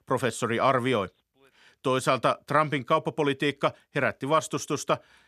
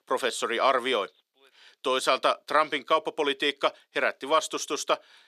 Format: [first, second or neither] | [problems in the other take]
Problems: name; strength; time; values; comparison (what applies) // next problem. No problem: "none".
first | thin; somewhat; fading below 350 Hz